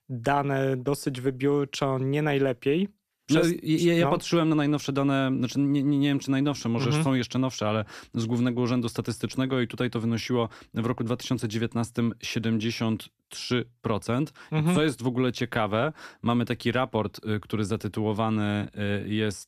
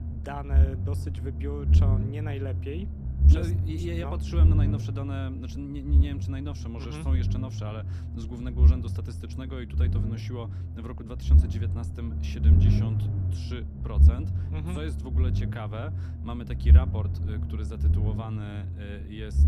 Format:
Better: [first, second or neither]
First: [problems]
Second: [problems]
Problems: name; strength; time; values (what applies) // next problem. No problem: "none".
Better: first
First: none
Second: low rumble; loud; throughout; 1 dB below the speech